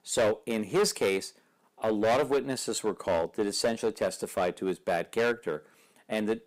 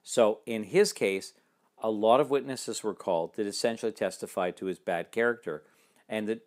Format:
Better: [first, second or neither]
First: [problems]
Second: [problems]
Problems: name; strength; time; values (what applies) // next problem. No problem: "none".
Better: second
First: distortion; heavy; 7% of the sound clipped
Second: none